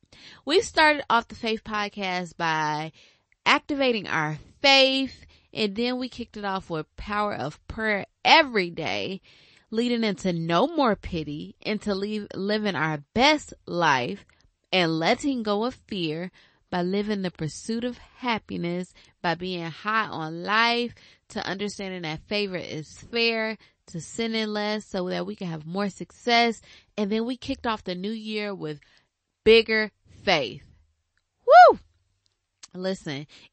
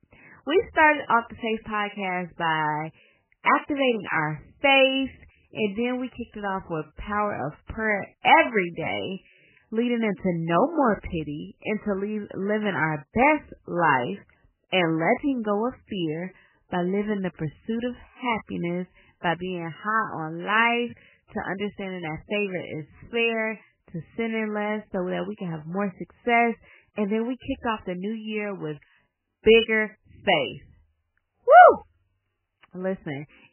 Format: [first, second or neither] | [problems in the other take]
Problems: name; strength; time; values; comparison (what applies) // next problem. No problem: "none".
first | garbled, watery; badly; nothing above 3 kHz; slightly in the first